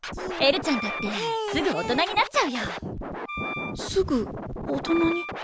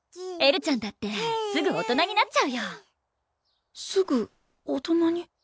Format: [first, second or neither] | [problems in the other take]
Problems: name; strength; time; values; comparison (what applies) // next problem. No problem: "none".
second | background sound (Scratching (performance technique) + Wind instrument, woodwind instrument); 7 dB below the speech